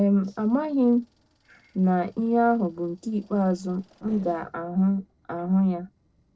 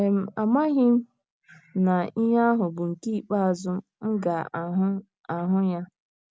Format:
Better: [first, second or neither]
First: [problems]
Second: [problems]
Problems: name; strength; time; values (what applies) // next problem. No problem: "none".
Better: second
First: noise reduction (neural separator model SepFormer DNS4)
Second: none